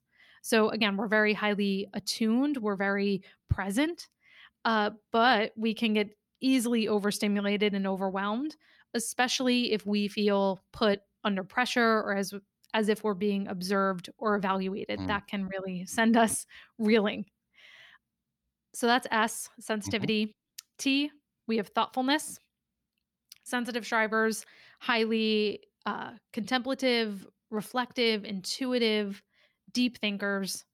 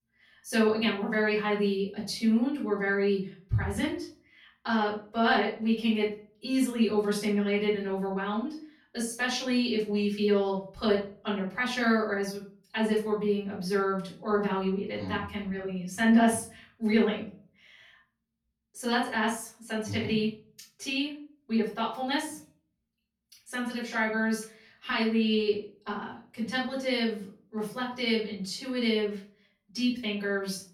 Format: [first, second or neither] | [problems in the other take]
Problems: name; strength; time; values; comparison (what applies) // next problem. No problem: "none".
first | off-mic speech; far // room echo; slight; dies away in 0.4 s